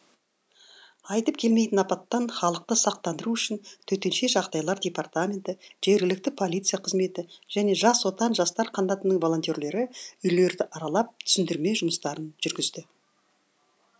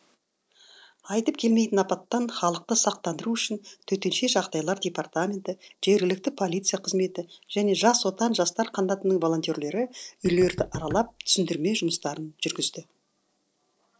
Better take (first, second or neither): first